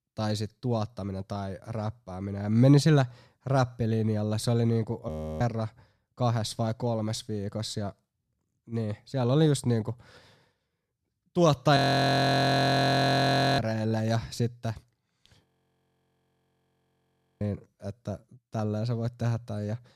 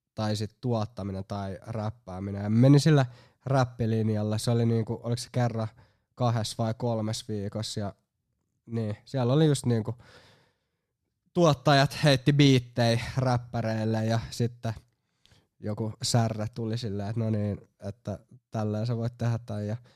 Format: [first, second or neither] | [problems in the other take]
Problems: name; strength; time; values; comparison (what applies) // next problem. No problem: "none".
second | audio freezing; at 5 s, at 12 s for 2 s and at 15 s for 2 s